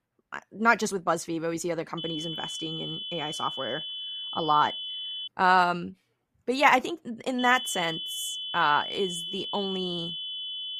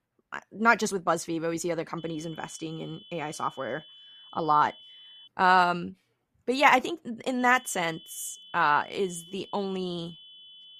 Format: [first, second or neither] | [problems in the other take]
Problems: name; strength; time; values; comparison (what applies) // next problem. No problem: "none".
second | high-pitched whine; loud; from 2 to 5.5 s and from 7.5 s on; 3 kHz, 6 dB below the speech; faint in the second